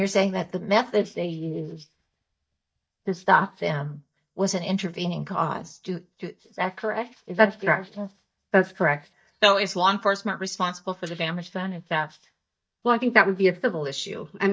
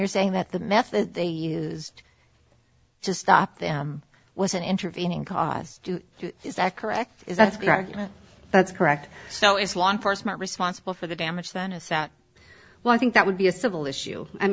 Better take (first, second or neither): second